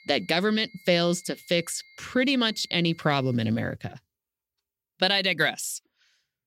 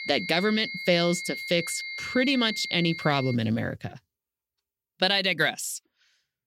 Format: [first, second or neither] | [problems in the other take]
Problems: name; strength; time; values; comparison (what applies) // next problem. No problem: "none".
first | high-pitched whine; loud; until 3.5 s; 2 kHz, 8 dB below the speech; faint in the first